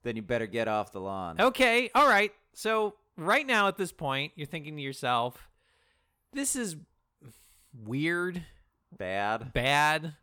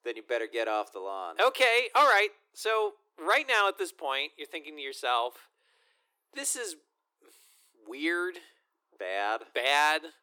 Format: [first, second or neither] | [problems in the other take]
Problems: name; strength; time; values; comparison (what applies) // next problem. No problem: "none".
first | thin; very; fading below 300 Hz